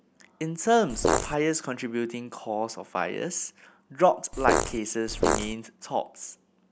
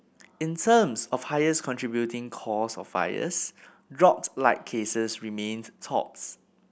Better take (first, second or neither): second